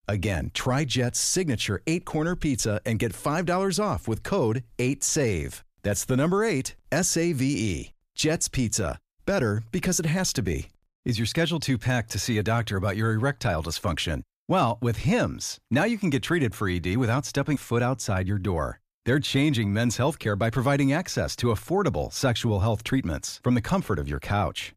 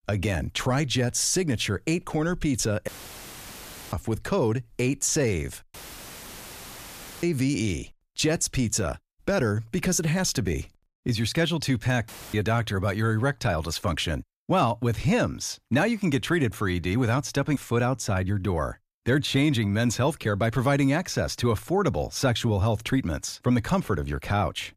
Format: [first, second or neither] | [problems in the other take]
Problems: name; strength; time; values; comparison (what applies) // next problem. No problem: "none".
first | audio cutting out; filled with static; at 3 s for 1 s, at 5.5 s for 1.5 s and at 12 s